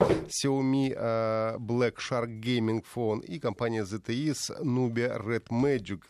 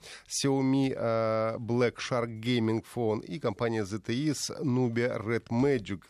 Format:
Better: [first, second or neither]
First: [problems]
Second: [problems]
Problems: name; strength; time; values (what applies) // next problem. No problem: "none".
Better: second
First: footsteps; loud; at the start; peak 3 dB above the speech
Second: none